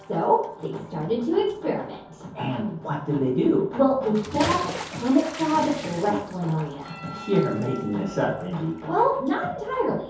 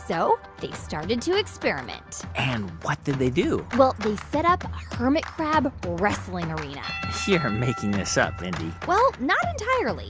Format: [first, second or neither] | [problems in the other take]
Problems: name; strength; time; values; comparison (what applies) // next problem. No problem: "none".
second | background sound (Bathtub (filling or washing) / Splash, splatter); 16 dB below the speech // room echo; dies away in 0.6 s